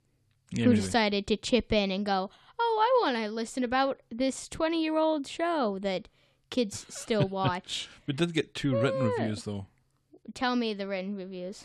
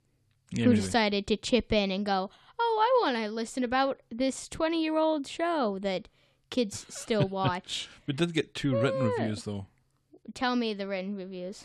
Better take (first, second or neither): neither